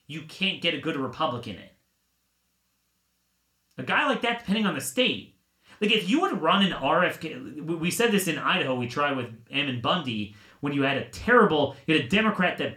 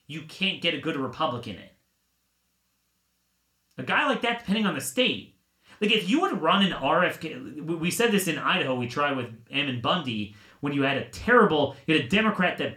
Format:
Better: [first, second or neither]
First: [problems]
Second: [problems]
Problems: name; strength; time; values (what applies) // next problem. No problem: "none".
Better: neither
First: room echo; very slight; dies away in 0.3 s // off-mic speech; somewhat distant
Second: room echo; very slight; dies away in 0.3 s // off-mic speech; somewhat distant